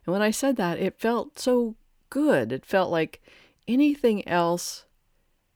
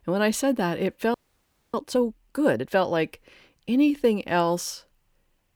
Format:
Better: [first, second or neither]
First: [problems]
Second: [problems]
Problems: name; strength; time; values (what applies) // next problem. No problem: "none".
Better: first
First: none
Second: audio freezing; at 1 s for 0.5 s